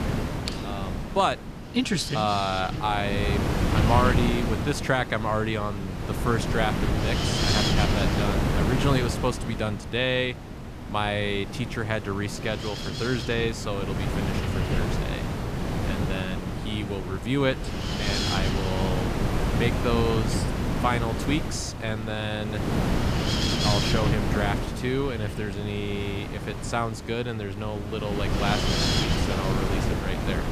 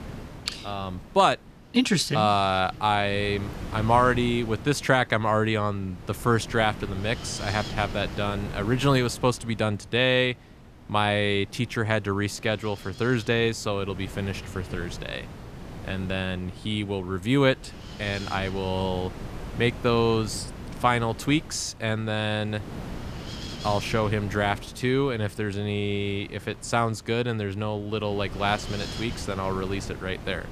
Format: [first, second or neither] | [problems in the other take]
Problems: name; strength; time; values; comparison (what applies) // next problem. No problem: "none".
second | wind noise on the microphone; heavy; 2 dB below the speech; occasional gusts in the second